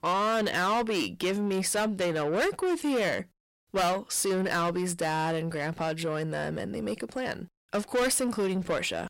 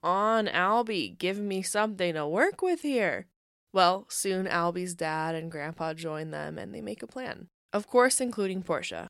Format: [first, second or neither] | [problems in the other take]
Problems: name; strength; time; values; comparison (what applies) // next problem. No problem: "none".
second | distortion; heavy; 6 dB below the speech